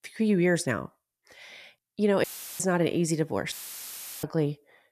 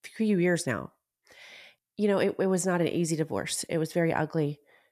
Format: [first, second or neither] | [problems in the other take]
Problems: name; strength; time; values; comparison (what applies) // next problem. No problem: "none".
second | audio cutting out; filled with static; at 2 s and at 3.5 s for 0.5 s